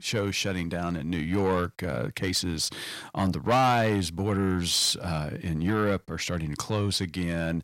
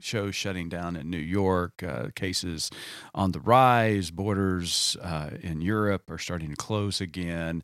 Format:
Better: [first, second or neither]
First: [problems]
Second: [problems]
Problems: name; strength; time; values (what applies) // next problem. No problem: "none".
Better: second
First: distortion; heavy; 8 dB below the speech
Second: none